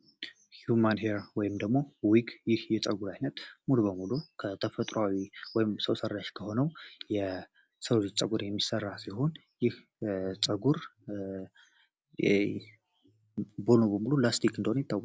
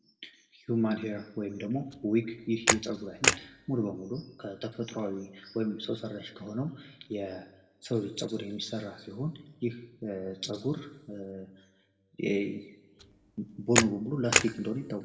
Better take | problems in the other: first | background sound (Camera); 3 dB above the speech // room echo; dies away in 0.9 s

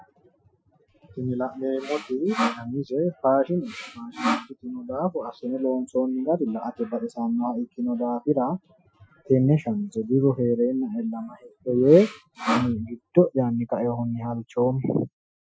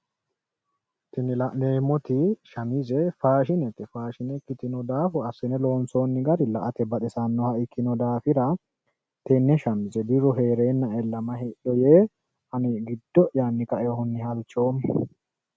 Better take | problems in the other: second | noise reduction (classical method Wiener filter)

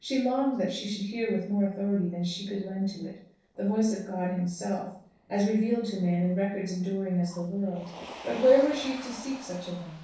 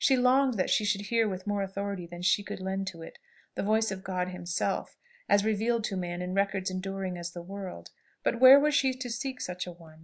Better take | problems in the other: second | noise reduction (neural separator model SepFormer DNS4)

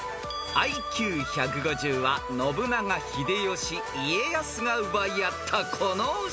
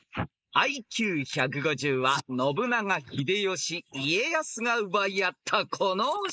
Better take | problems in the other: first | noise reduction (neural mask model Resemble Enhance denoiser)

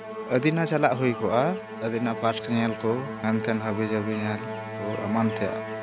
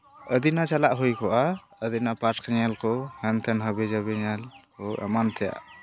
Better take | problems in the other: second | background sound (Musical instrument); 8 dB below the speech

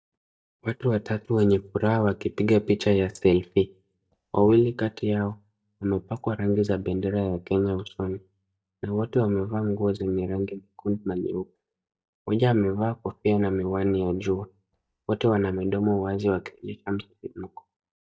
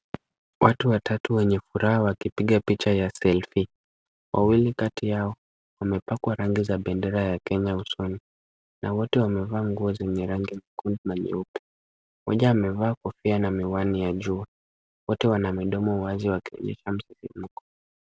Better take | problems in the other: second | noise reduction (neural mask model DeepFilterNet 3)

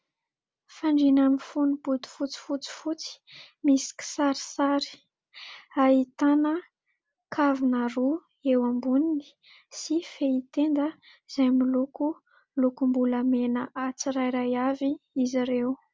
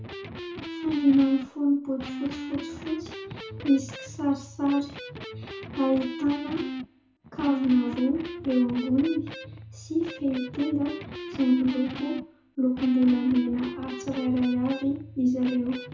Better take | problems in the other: first | background sound (Electric guitar); 11 dB below the speech // room echo; dies away in 0.6 s

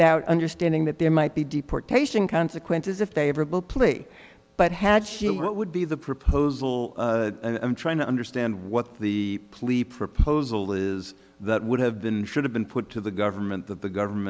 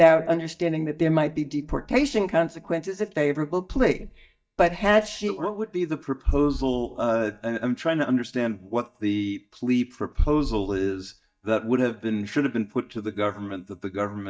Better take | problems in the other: first | noise reduction (neural mask model DeepFilterNet 3)

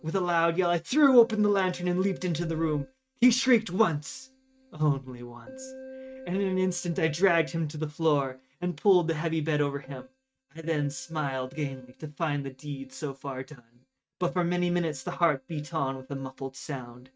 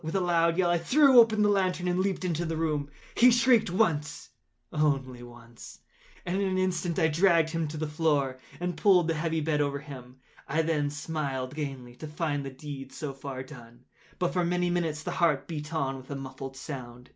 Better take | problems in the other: second | noise reduction (neural mask model RNNoise)

